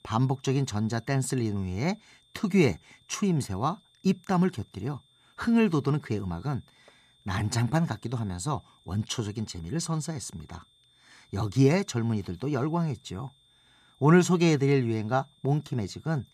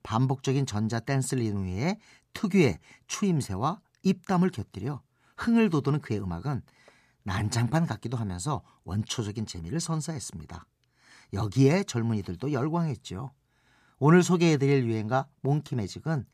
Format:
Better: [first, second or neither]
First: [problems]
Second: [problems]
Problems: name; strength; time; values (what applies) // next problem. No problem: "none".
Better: second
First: high-pitched whine; faint; throughout; 3.5 kHz, 35 dB below the speech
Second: none